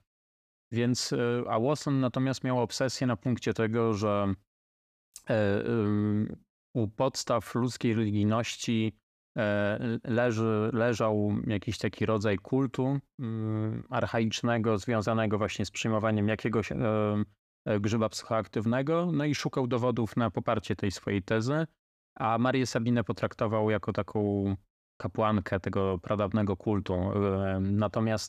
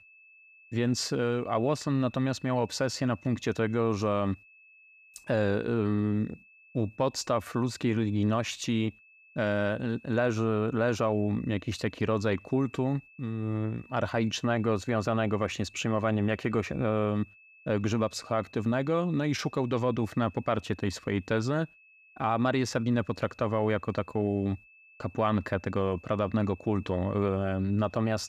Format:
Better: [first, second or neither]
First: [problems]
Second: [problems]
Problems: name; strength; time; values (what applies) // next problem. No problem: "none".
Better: first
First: none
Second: high-pitched whine; faint; throughout; 2.5 kHz, 25 dB below the speech